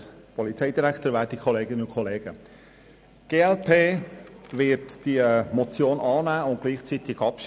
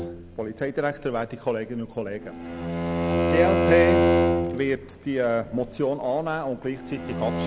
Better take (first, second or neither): first